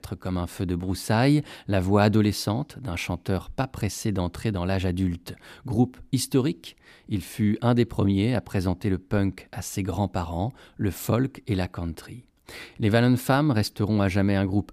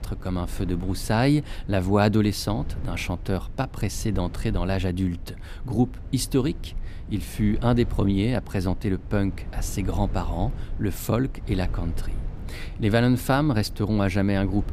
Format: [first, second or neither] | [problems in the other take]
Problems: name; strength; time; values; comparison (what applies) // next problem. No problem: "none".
first | low rumble; faint; throughout; 20 dB below the speech